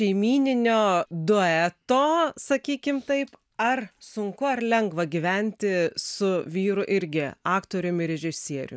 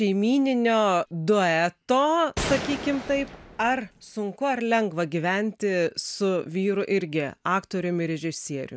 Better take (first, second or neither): first